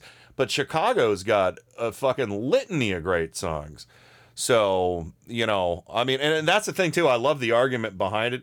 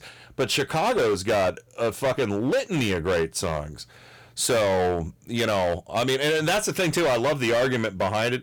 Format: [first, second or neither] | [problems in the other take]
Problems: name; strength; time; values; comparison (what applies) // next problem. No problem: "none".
first | distortion; heavy; 18% of the sound clipped